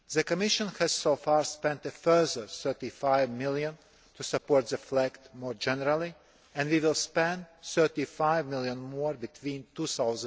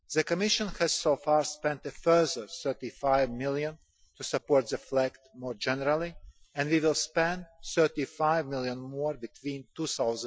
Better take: first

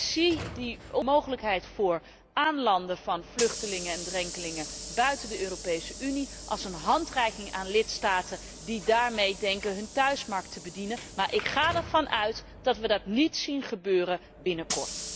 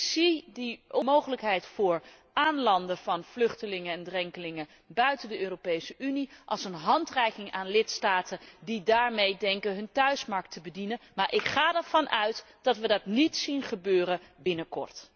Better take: second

